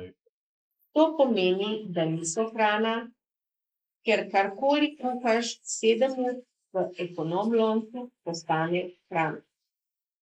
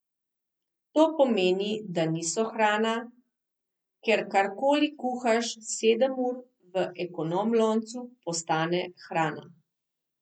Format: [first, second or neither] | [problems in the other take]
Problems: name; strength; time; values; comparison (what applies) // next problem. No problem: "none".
second | noise reduction (neural mask model Resemble Enhance denoiser)